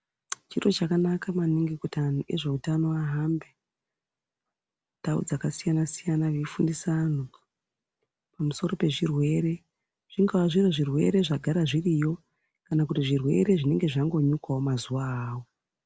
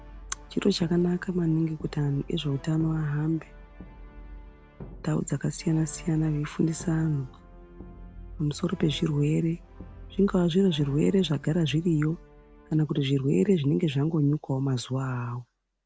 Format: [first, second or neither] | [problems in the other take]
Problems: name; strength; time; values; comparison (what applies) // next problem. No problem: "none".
first | background sound (Brass instrument); 18 dB below the speech